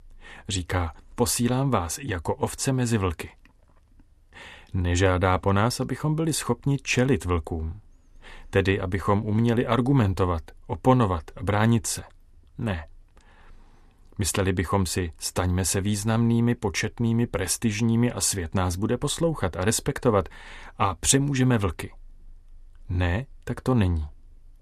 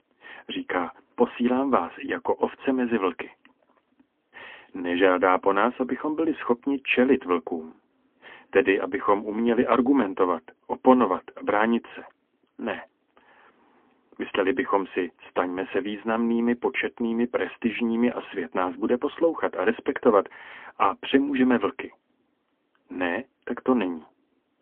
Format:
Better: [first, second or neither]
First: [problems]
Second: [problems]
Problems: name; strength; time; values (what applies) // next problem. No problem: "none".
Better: first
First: none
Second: phone-call audio; poor line; nothing above 3 kHz